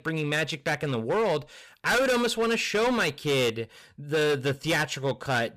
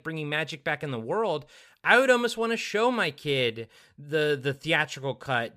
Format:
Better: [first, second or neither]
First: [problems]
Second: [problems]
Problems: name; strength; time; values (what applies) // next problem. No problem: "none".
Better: second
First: distortion; heavy; 15% of the sound clipped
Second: none